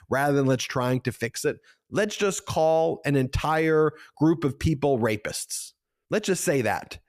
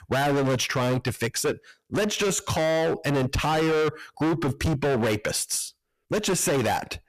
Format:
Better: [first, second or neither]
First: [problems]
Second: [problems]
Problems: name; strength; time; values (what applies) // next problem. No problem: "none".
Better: first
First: none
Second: distortion; heavy; 26% of the sound clipped